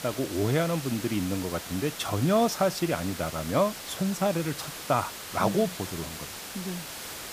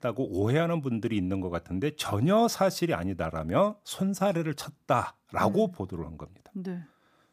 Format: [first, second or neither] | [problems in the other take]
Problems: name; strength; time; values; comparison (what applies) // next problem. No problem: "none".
second | hiss; loud; throughout; 9 dB below the speech